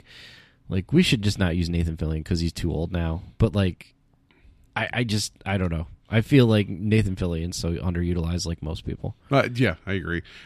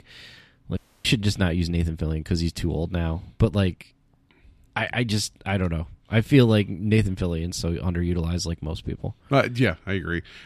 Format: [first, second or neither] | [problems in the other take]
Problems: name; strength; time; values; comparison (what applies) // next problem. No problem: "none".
first | audio cutting out; at 1 s